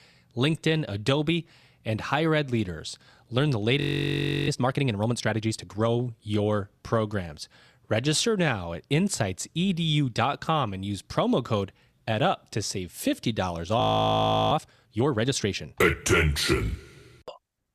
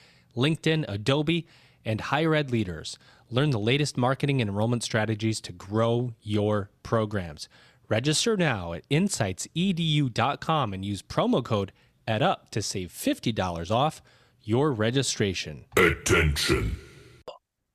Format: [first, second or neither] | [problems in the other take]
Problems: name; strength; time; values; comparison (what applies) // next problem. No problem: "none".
second | audio freezing; at 4 s for 0.5 s and at 14 s for 0.5 s